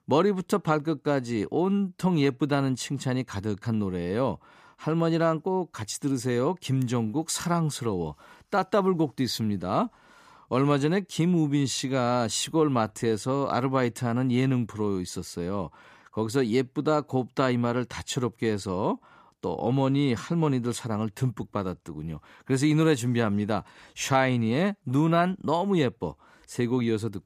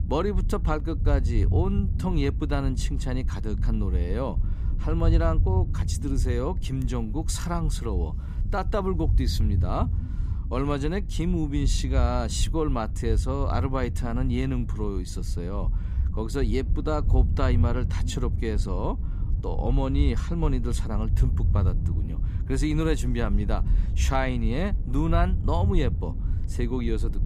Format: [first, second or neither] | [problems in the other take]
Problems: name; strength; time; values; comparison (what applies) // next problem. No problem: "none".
first | low rumble; noticeable; throughout; 15 dB below the speech